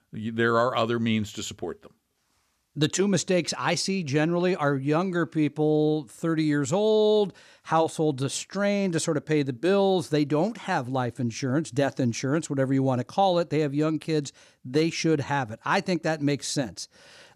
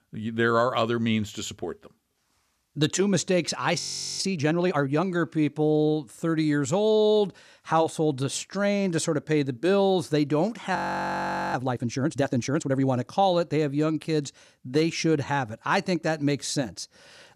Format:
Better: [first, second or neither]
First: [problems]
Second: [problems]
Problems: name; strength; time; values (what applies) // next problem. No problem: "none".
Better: first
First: none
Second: audio freezing; at 4 s and at 11 s for 1 s